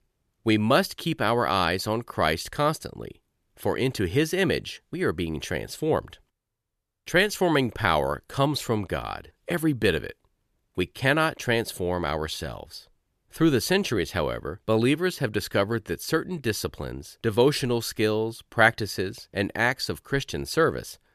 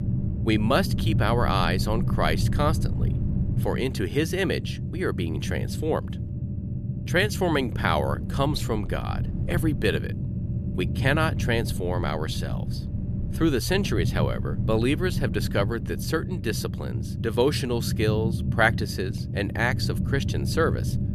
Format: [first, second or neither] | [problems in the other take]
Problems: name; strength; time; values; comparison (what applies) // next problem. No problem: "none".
first | low rumble; noticeable; throughout; 10 dB below the speech